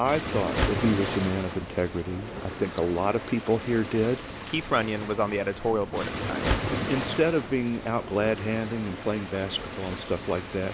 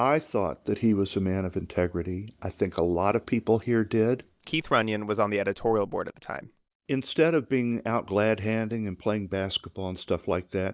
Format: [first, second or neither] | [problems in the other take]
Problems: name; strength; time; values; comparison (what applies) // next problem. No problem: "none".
second | background sound (Waves, surf); 5 dB below the speech